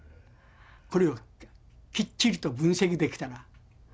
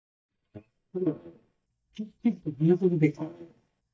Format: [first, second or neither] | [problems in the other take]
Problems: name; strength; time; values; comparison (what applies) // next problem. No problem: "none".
first | noise reduction (neural mask model DeepFilterNet 3)